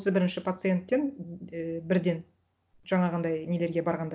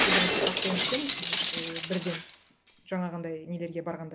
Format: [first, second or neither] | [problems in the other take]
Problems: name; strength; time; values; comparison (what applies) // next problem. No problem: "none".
first | background sound (Shatter); 3 dB above the speech